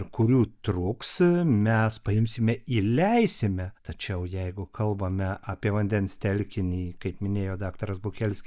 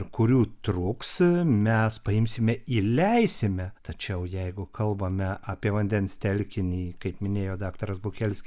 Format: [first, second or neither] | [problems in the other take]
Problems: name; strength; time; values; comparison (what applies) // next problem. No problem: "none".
second | noise reduction (neural mask model DeepFilterNet 3)